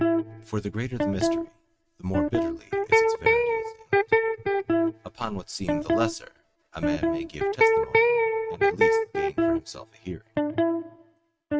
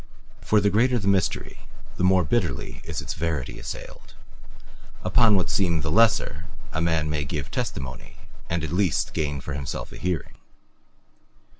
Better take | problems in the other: second | noise reduction (neural mask model RNNoise)

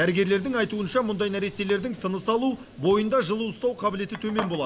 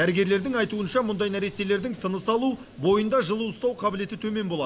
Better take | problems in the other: second | background sound (Domestic sounds, home sounds); 18 dB below the speech

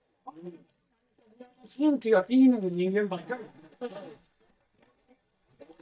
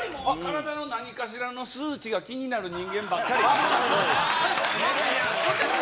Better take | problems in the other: second | noise reduction (neural mask model DeepFilterNet 3)

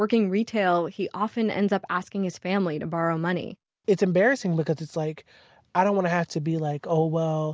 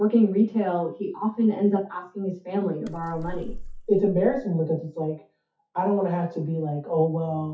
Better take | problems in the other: first | noise reduction (classical method WPE with log-MMSE)

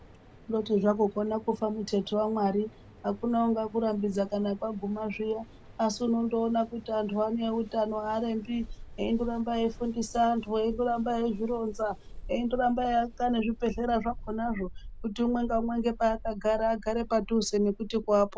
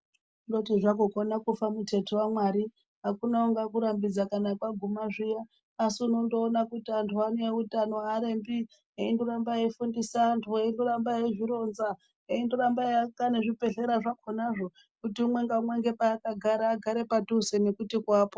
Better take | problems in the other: second | background sound (Mechanical fan); 15 dB below the speech

